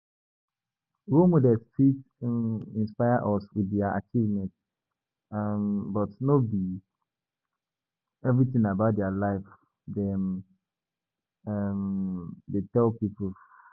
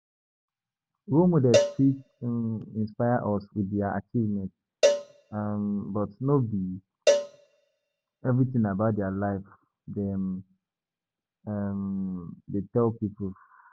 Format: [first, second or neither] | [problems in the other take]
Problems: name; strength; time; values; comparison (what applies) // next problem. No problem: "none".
first | background sound (Cowbell); 2 dB below the speech